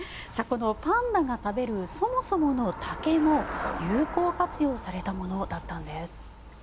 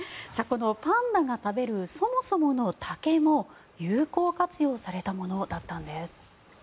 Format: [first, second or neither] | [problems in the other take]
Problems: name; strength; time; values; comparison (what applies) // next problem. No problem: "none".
second | background sound (Traffic noise, roadway noise / Bicycle); 10 dB below the speech